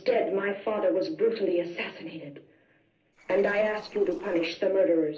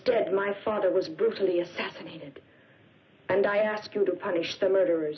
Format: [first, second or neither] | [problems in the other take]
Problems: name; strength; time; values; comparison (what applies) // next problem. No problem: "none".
second | noise reduction (neural separator model SepFormer DNS4)